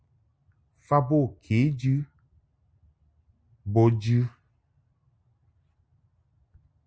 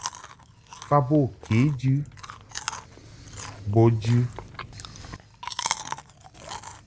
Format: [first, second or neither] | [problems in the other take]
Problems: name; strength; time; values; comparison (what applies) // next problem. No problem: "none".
first | background sound (Chewing, mastication); 11 dB below the speech